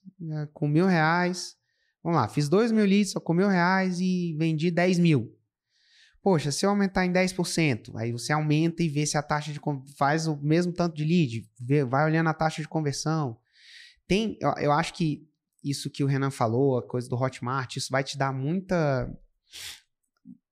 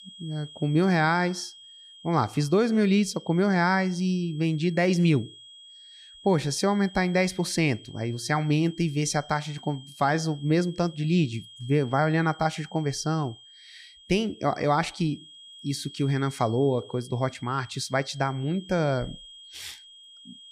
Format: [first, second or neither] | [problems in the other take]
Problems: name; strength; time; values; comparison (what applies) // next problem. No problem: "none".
first | high-pitched whine; faint; throughout; 3.5 kHz, 20 dB below the speech